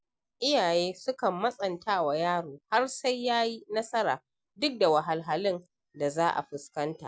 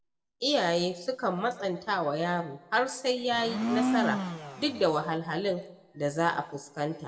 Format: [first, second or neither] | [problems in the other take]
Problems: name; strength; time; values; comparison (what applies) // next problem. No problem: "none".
first | background sound (Domestic sounds, home sounds); 2 dB below the speech // room echo; dies away in 0.7 s